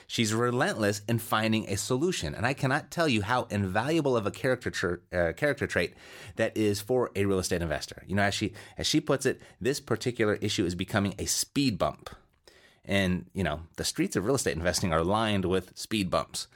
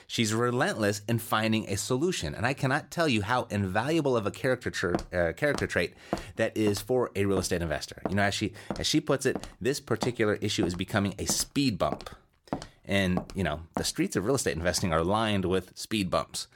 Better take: first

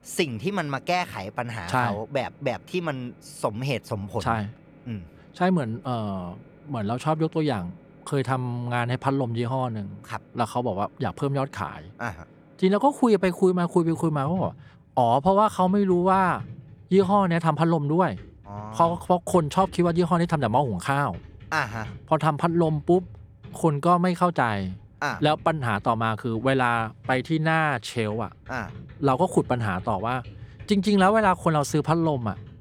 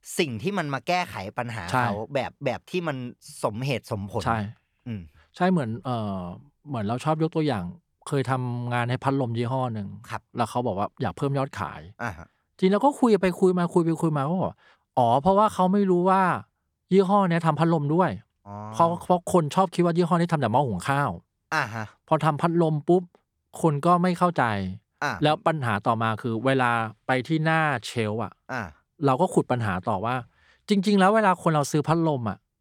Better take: second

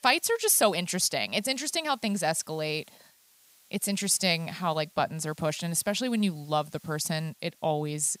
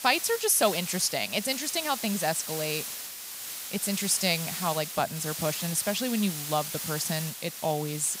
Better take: first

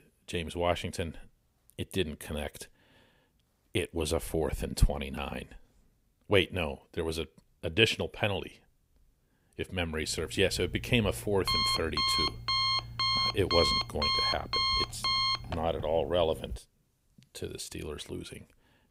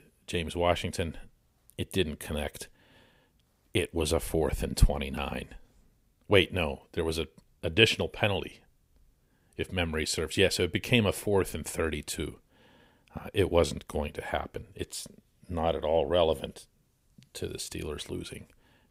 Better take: second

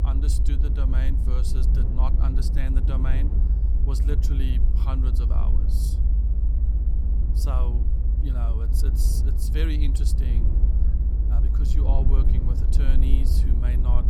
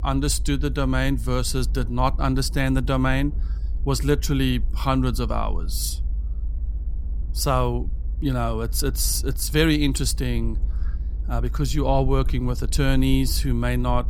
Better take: second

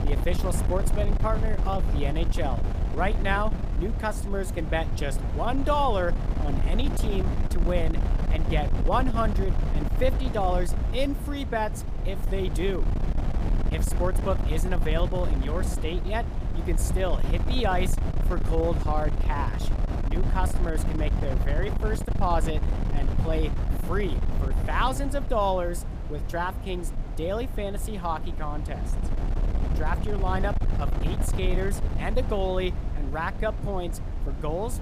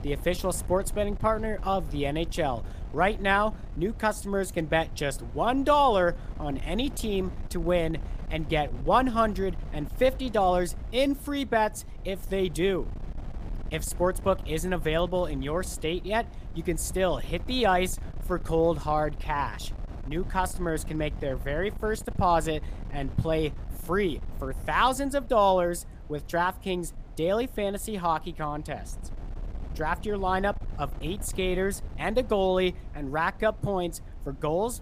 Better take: second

